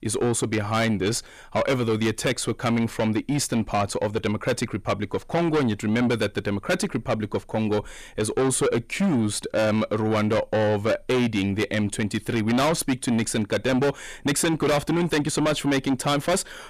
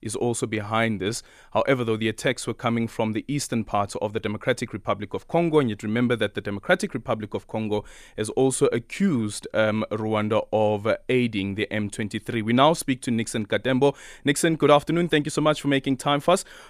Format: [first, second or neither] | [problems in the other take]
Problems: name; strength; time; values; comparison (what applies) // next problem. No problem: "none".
second | distortion; heavy; 6 dB below the speech